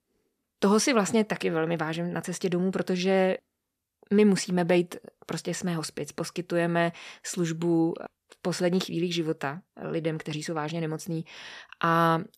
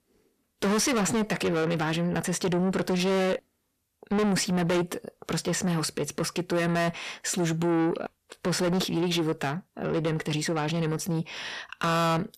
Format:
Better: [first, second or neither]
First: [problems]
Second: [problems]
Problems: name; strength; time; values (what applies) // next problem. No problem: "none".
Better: first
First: none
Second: distortion; heavy; 6 dB below the speech